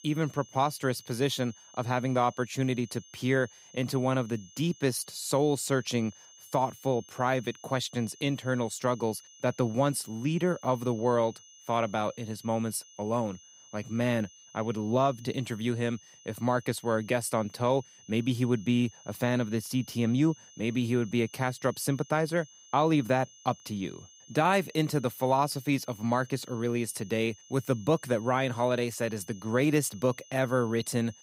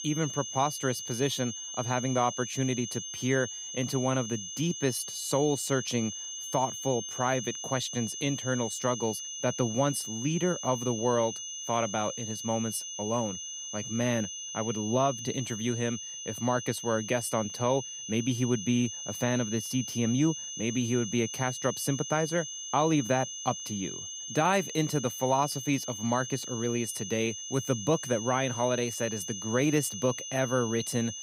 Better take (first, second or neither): first